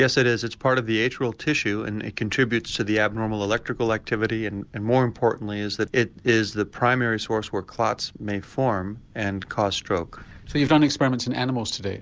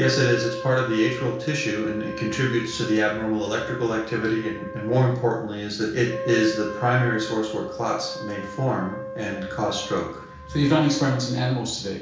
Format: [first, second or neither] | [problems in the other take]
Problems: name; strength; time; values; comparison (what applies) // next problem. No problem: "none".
first | background sound (Wind instrument, woodwind instrument); 11 dB below the speech // room echo; dies away in 0.6 s